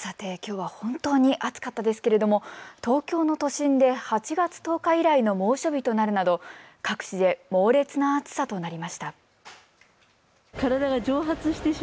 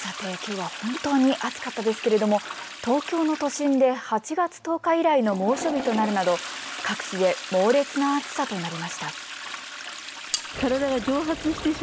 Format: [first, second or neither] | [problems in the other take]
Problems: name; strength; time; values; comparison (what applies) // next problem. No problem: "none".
first | background sound (Cutlery, silverware + Toilet flush); 11 dB below the speech